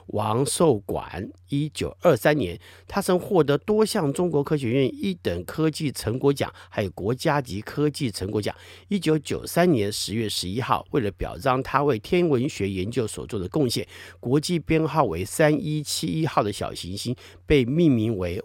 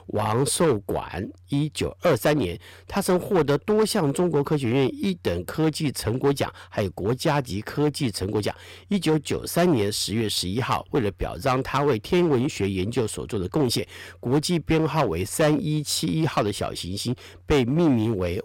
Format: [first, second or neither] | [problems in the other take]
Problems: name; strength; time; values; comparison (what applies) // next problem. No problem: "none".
first | distortion; slight; 7% of the sound clipped